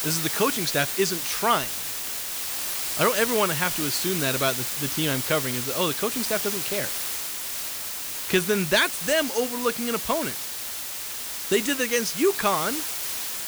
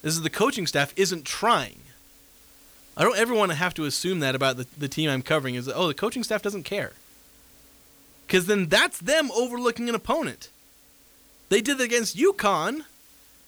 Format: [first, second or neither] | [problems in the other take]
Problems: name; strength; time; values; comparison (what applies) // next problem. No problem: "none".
second | hiss; loud; throughout; 2 dB below the speech; faint in the second